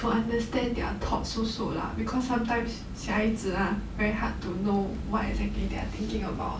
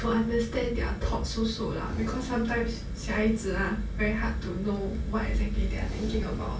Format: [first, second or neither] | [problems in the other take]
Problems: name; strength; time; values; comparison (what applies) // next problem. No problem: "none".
first | background sound (Breathing); 19 dB below the speech // room echo; dies away in 0.2 s